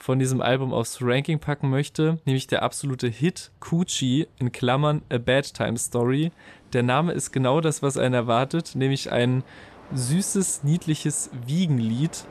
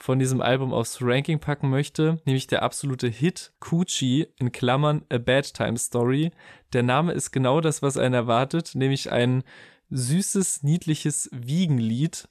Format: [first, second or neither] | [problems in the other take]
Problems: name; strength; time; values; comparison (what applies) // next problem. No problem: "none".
second | train or aircraft noise; faint; throughout; 25 dB below the speech